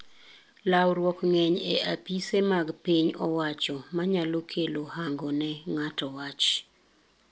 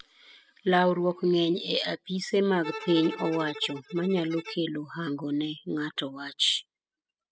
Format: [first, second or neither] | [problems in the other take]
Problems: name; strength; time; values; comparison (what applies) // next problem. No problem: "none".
first | noise reduction (classical method spectral subtraction)